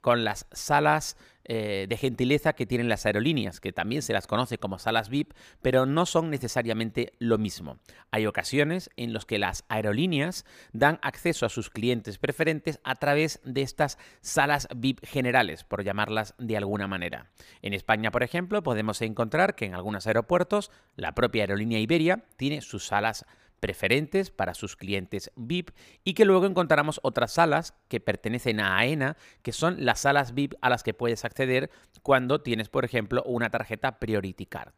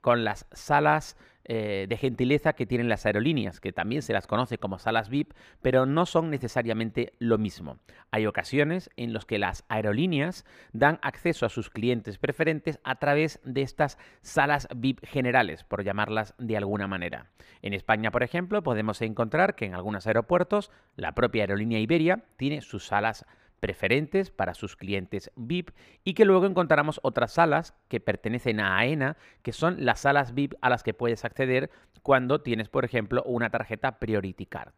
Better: first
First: none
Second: muffled; slightly; fading above 4 kHz

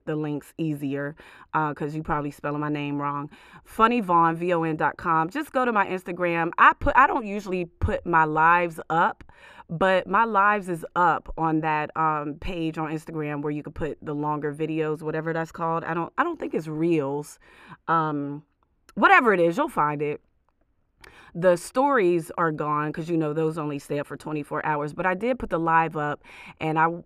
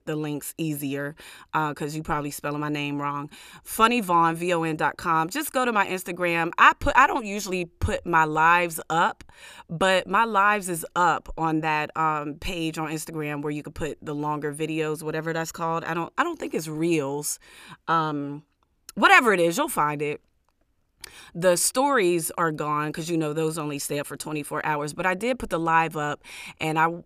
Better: second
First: muffled; slightly; fading above 3 kHz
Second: none

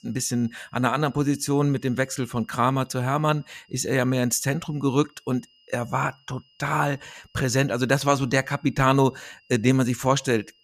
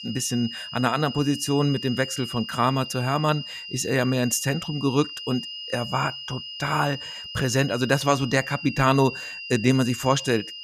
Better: first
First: high-pitched whine; faint; throughout; 3 kHz, 35 dB below the speech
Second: high-pitched whine; loud; throughout; 3 kHz, 10 dB below the speech

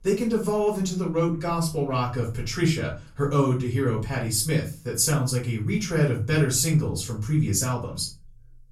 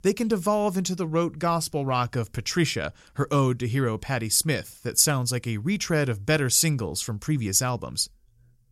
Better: second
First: room echo; slight; dies away in 0.3 s // off-mic speech; far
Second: none

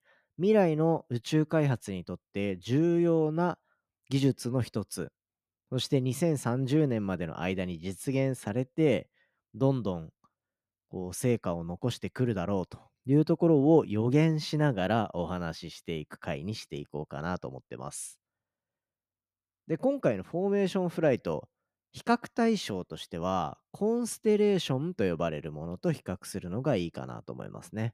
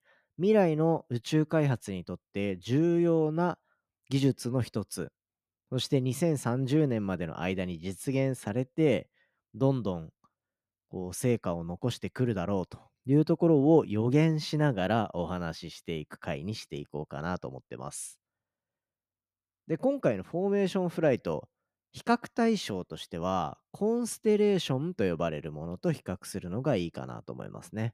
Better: neither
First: none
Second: none

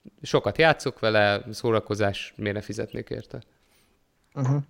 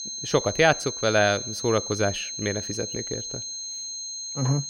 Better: first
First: none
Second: high-pitched whine; loud; throughout; 6.5 kHz, 6 dB below the speech

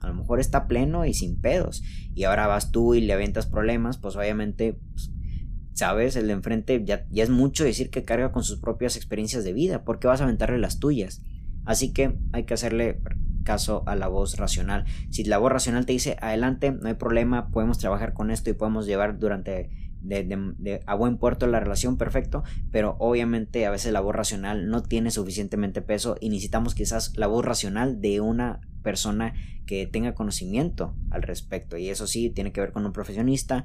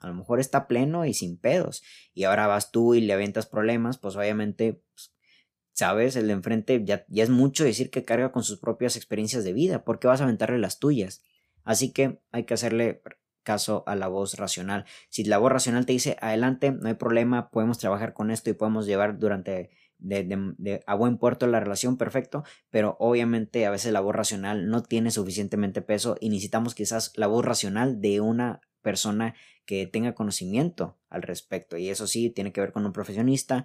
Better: second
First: low rumble; faint; throughout; 25 dB below the speech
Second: none

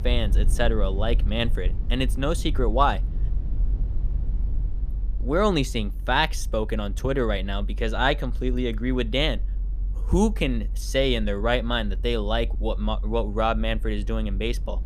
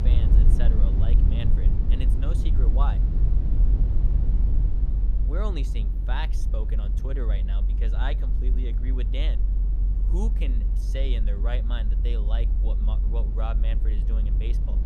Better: first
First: low rumble; faint; throughout; 25 dB below the speech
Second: low rumble; loud; throughout; 4 dB below the speech

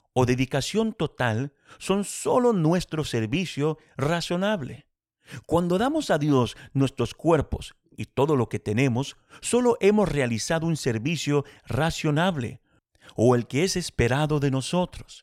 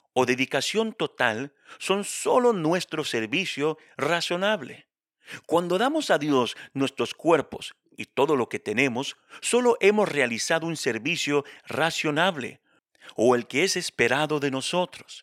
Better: first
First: none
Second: thin; very slightly; fading below 250 Hz

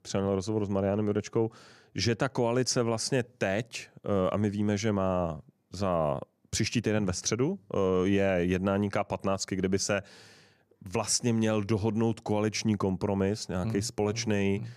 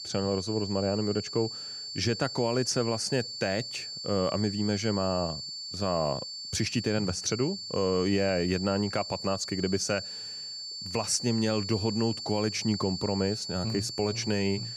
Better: first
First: none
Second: high-pitched whine; loud; throughout; 4.5 kHz, 6 dB below the speech

